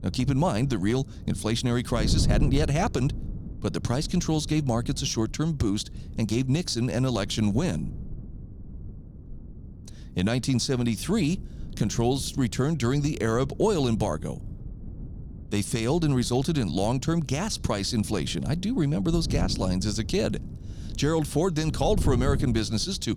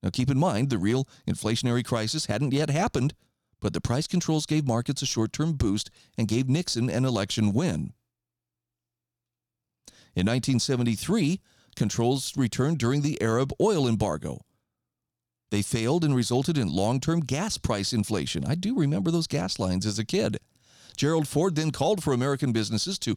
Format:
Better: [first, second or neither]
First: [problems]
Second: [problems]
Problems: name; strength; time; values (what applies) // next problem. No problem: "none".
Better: second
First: wind noise on the microphone; occasional gusts; 15 dB below the speech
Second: none